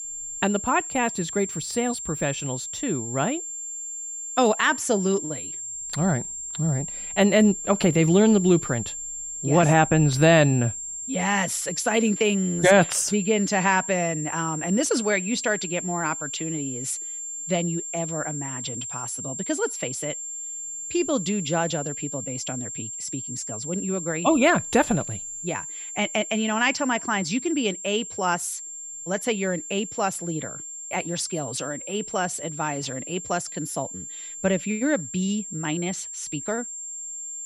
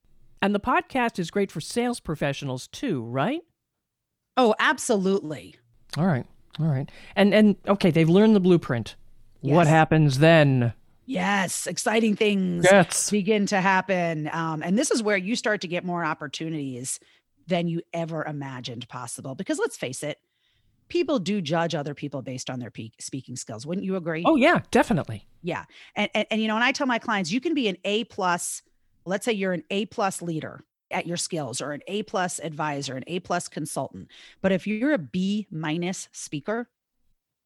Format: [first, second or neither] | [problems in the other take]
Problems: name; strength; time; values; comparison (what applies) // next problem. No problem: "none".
second | high-pitched whine; loud; throughout; 7.5 kHz, 7 dB below the speech